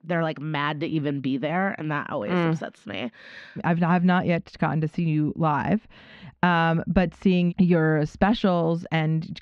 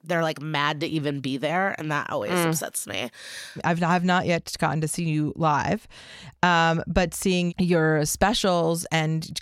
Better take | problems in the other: second | muffled; slightly; fading above 3 kHz

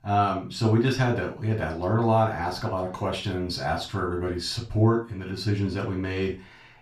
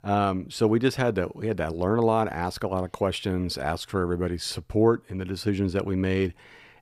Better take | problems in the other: second | room echo; slight; dies away in 0.3 s // off-mic speech; far

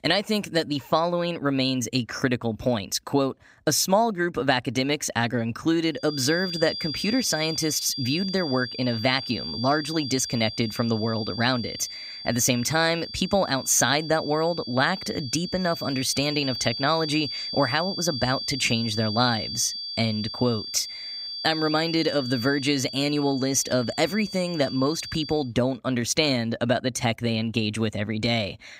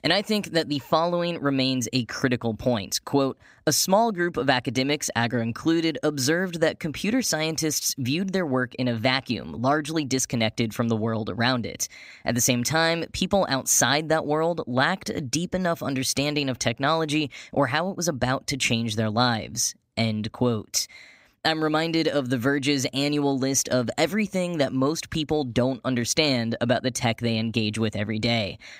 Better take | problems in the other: second | high-pitched whine; loud; from 6 to 25 s; 4.5 kHz, 7 dB below the speech

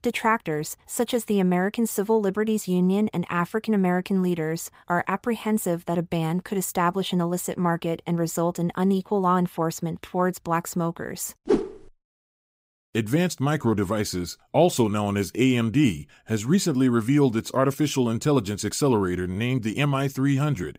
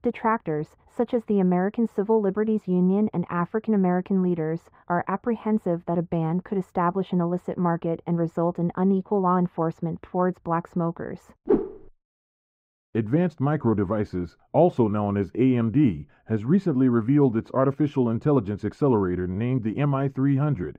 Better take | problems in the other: first | muffled; very; fading above 3.5 kHz

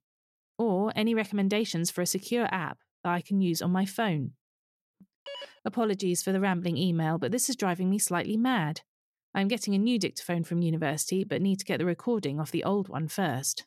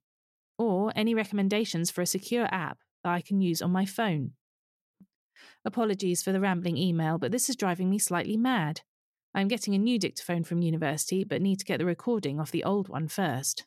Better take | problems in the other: second | phone ringing; faint; at 5.5 s; peak 15 dB below the speech

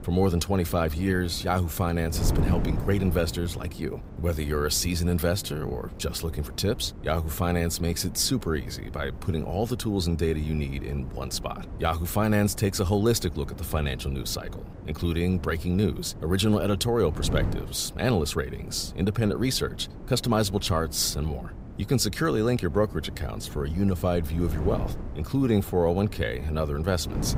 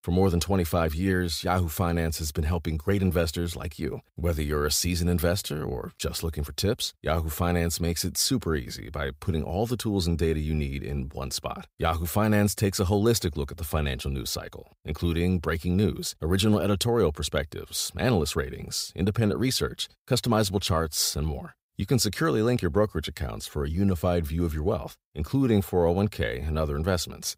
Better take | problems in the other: second | wind noise on the microphone; occasional gusts; 15 dB below the speech

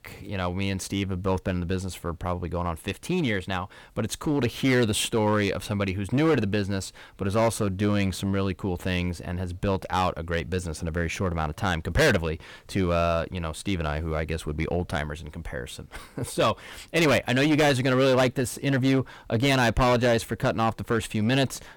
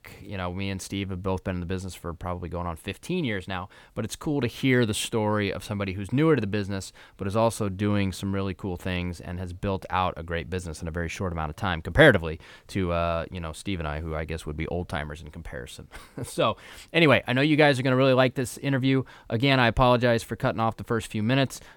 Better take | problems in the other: second | distortion; heavy; 7% of the sound clipped

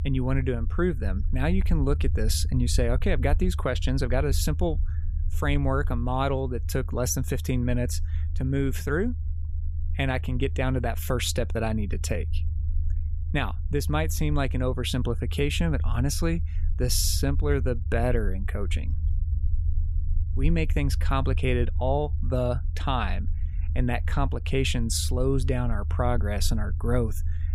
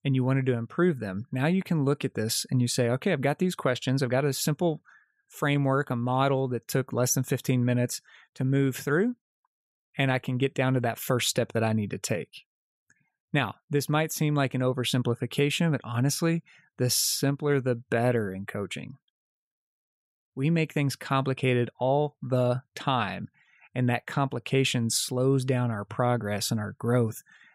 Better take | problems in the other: second | low rumble; noticeable; throughout; 20 dB below the speech

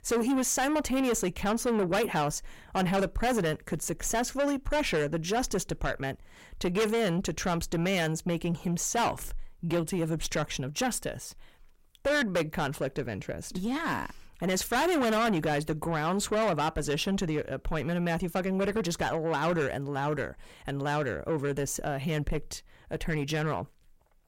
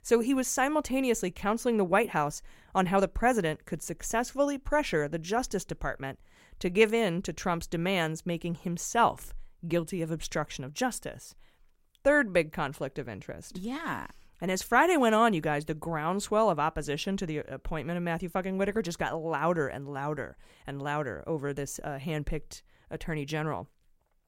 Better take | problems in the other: second | distortion; heavy; 6 dB below the speech

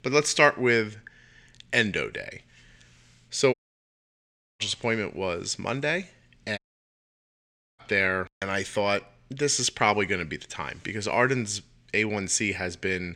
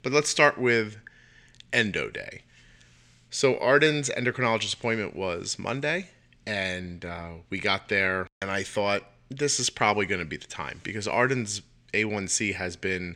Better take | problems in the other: second | audio cutting out; at 3.5 s for 1 s and at 6.5 s for 1 s

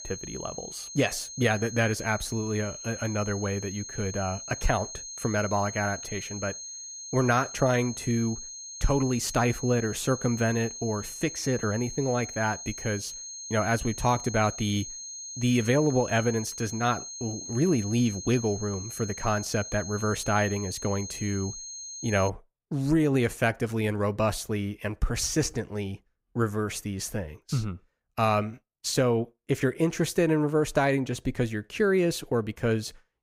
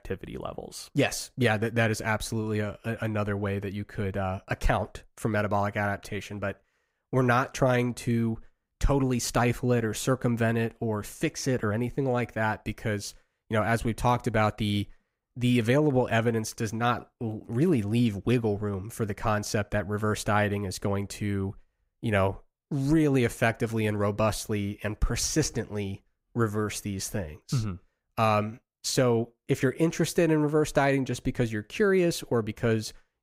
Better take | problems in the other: second | high-pitched whine; loud; until 22 s; 6.5 kHz, 9 dB below the speech

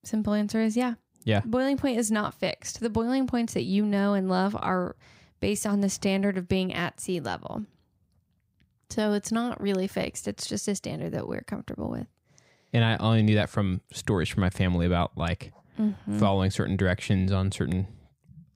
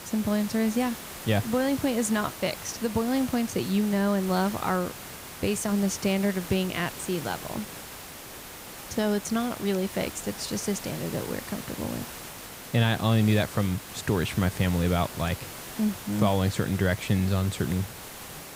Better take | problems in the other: first | hiss; noticeable; throughout; 10 dB below the speech

